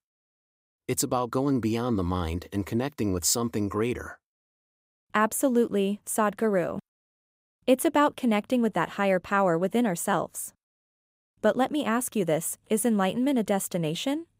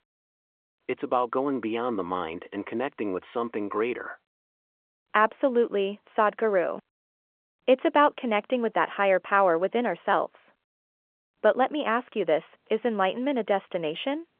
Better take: first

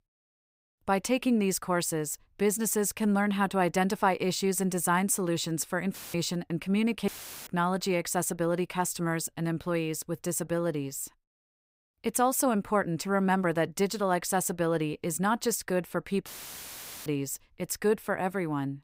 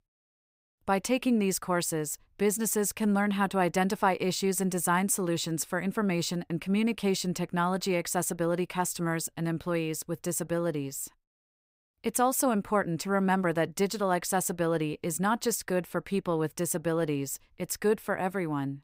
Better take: second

